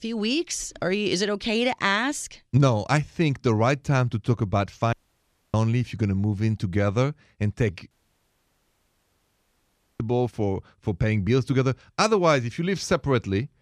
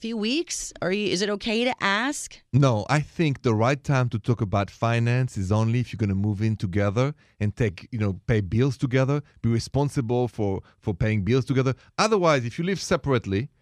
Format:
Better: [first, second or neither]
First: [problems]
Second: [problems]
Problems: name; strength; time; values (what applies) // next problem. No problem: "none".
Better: second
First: audio cutting out; at 5 s for 0.5 s and at 8 s for 2 s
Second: none